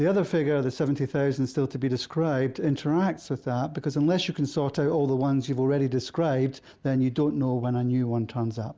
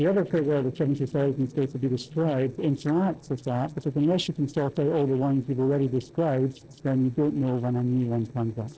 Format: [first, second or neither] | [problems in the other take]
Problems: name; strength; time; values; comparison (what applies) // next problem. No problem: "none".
first | noise reduction (neural separator model SepFormer DNS4)